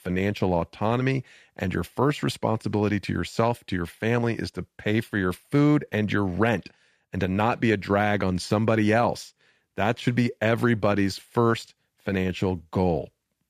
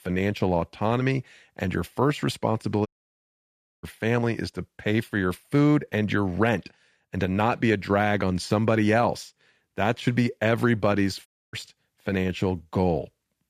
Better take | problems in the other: first | audio cutting out; at 3 s for 1 s and at 11 s

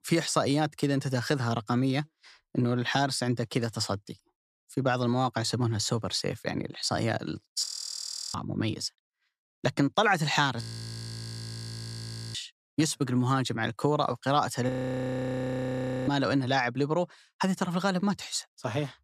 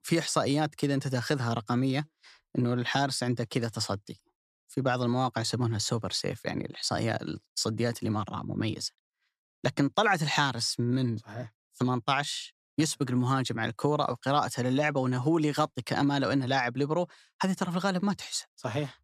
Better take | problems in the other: second | audio freezing; at 7.5 s for 0.5 s, at 11 s for 1.5 s and at 15 s for 1.5 s

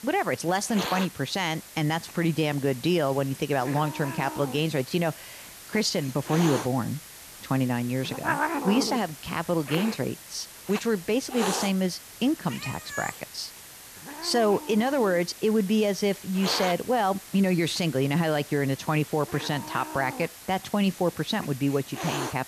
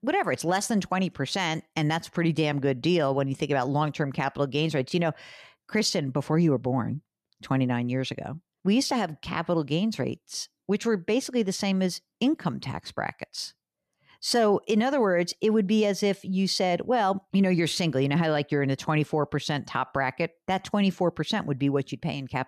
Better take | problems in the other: second | hiss; loud; throughout; 10 dB below the speech

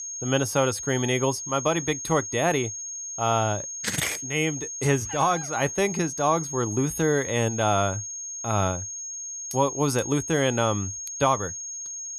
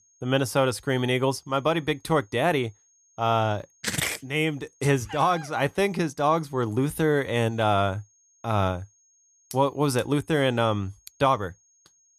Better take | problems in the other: second | high-pitched whine; loud; throughout; 6.5 kHz, 6 dB below the speech; faint in the second

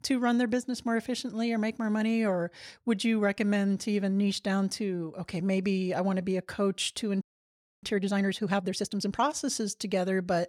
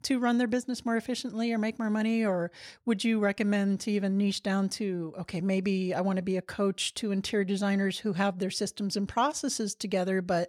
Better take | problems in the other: second | audio freezing; at 7 s for 0.5 s

